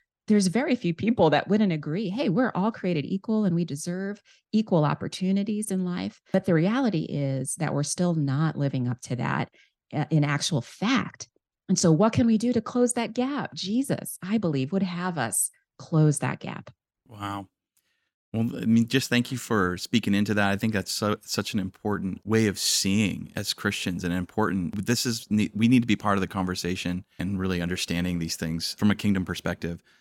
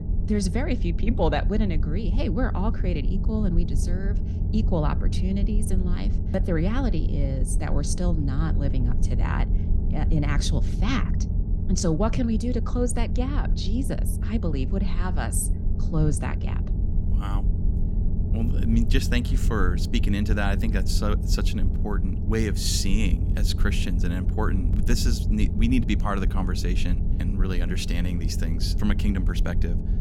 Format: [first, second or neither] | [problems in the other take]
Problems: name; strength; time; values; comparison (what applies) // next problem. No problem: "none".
first | low rumble; loud; throughout; 9 dB below the speech